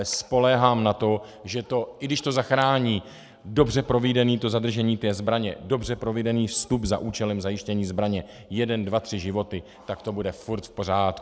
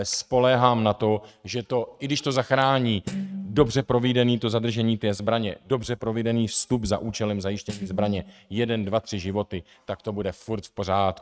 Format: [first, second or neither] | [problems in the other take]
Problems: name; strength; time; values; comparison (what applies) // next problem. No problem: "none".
first | noise reduction (neural mask model RNNoise)